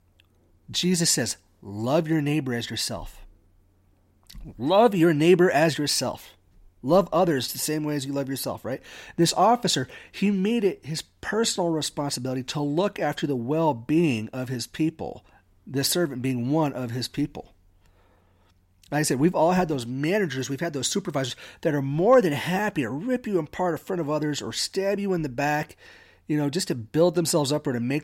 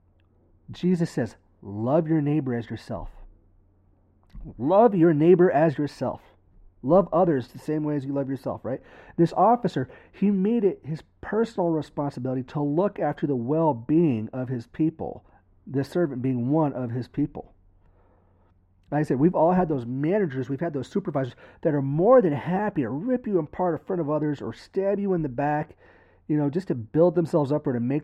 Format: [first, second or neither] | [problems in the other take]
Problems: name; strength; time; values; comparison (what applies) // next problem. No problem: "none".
first | muffled; very; fading above 2.5 kHz